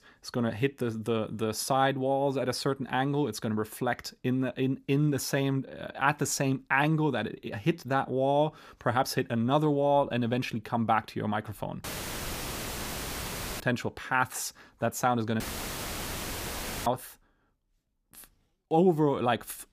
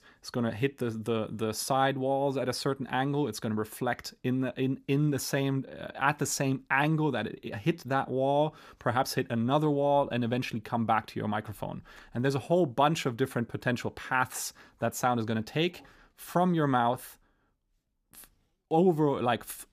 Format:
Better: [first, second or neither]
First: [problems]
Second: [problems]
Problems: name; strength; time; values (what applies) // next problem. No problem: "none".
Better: second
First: audio cutting out; filled with static; at 12 s for 2 s and at 15 s for 1.5 s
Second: none